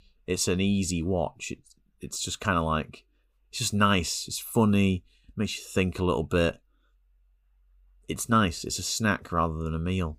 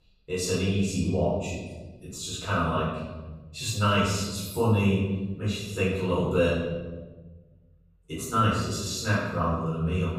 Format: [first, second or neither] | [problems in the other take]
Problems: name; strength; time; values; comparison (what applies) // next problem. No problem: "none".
first | room echo; strong; dies away in 1.2 s // off-mic speech; far